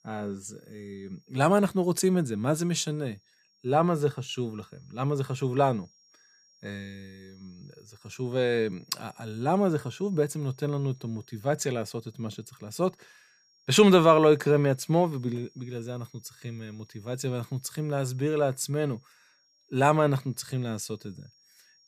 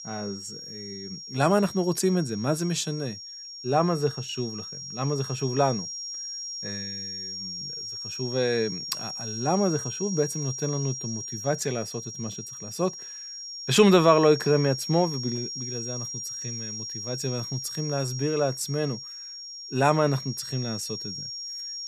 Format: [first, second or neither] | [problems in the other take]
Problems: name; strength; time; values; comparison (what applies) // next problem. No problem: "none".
first | high-pitched whine; loud; throughout; 5.5 kHz, 8 dB below the speech; faint in the first